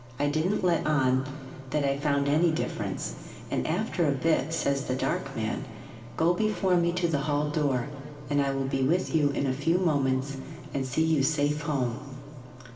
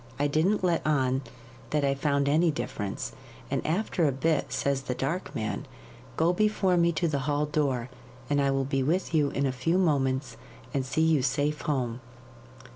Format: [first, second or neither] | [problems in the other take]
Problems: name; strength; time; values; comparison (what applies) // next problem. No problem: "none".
second | room echo; dies away in 2.5 s